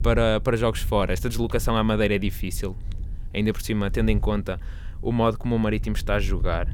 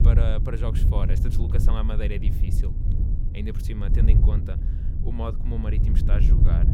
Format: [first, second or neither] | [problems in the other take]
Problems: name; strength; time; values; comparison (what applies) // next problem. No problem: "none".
first | low rumble; loud; throughout; 3 dB below the speech; faint in the first